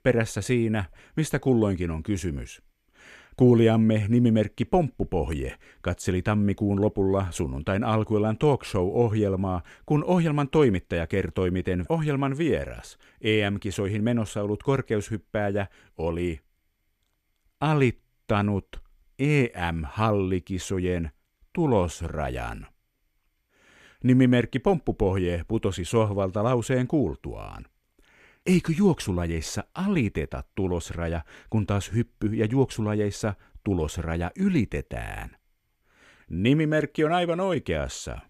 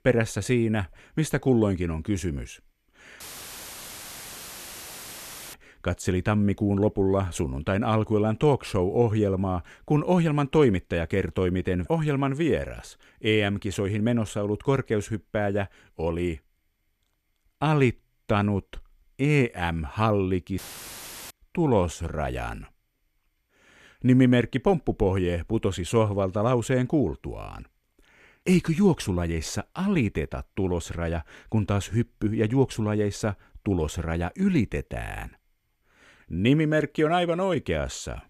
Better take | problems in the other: first | audio cutting out; filled with static; at 3 s for 2.5 s and at 21 s for 0.5 s

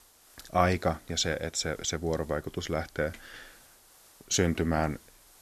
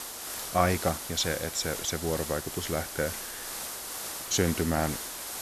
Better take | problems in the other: first | hiss; loud; throughout; 5 dB below the speech; faint in the first

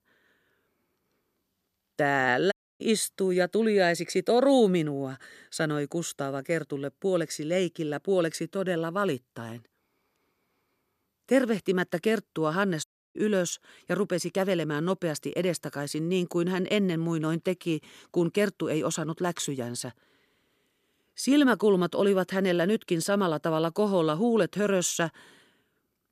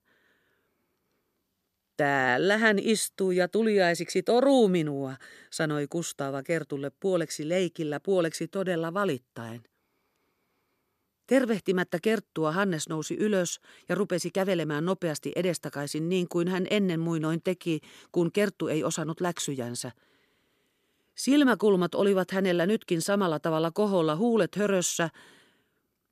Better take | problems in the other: second | audio cutting out; at 2.5 s and at 13 s

